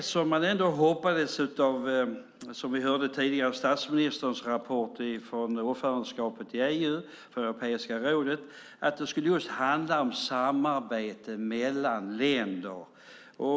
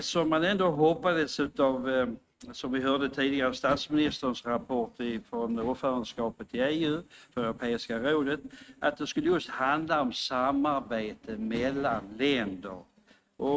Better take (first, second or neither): first